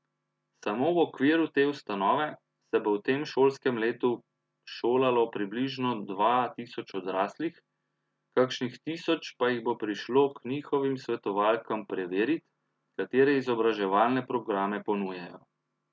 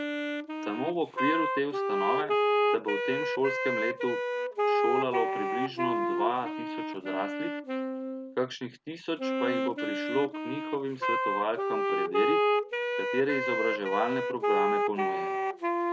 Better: first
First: none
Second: background sound (Wind instrument, woodwind instrument); 4 dB above the speech

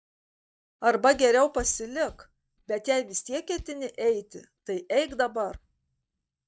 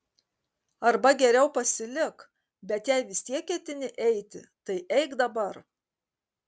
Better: second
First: noise reduction (neural mask model DeepFilterNet 3)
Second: none

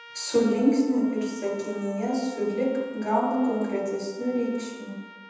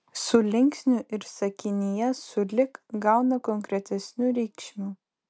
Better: second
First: background sound (Trumpet); 20 dB below the speech // room echo; dies away in 1 s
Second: none

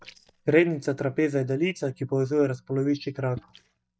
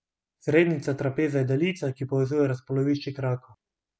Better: second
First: noise reduction (neural mask model DeepFilterNet 3)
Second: none

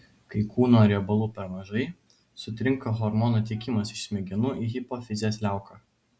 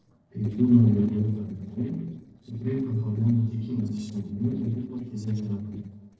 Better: first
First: none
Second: noise reduction (neural separator model SepFormer DNS4)

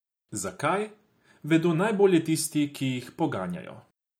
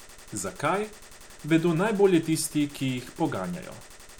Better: first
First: none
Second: background sound (Gunshot, gunfire); 19 dB below the speech

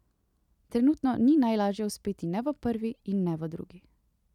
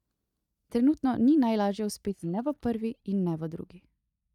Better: first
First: none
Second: noise reduction (neural mask model DeepFilterNet 3)

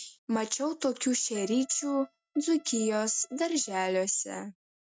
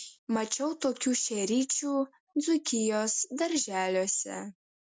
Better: second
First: noise reduction (neural mask model RNNoise)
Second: none

